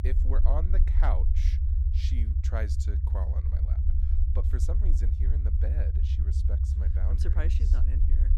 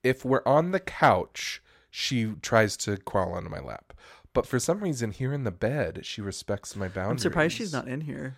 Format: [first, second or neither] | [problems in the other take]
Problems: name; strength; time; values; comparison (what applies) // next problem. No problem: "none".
second | low rumble; loud; throughout; 3 dB below the speech